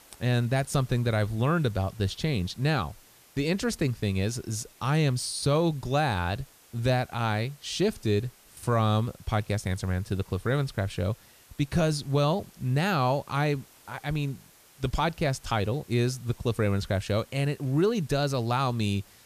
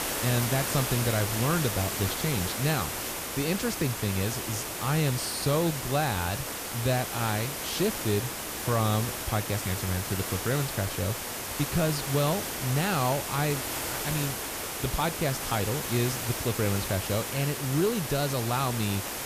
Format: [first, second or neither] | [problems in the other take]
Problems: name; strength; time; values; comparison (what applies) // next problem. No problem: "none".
first | hiss; loud; throughout; 2 dB below the speech; faint in the first